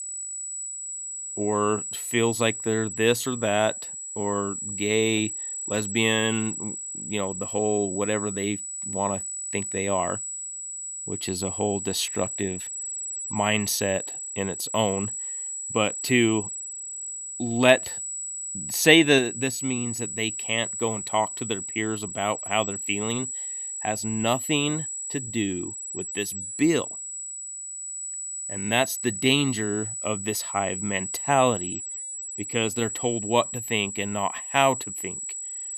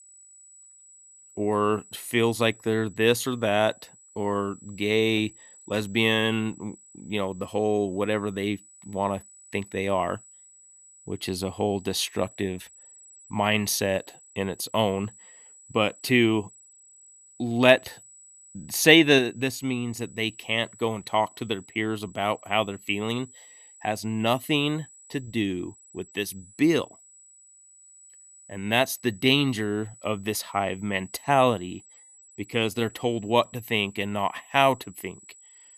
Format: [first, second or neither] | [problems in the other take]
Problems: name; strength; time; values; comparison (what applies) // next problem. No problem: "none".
second | high-pitched whine; loud; throughout; 8 kHz, 5 dB below the speech; faint in the second